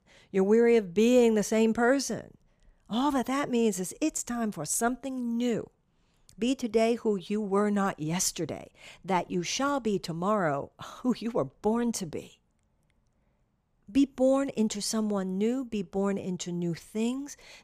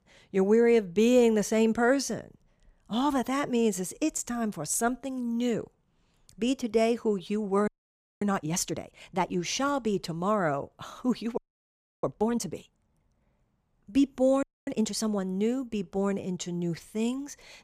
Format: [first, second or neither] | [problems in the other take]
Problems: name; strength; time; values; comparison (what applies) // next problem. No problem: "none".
first | audio freezing; at 7.5 s for 0.5 s, at 11 s for 0.5 s and at 14 s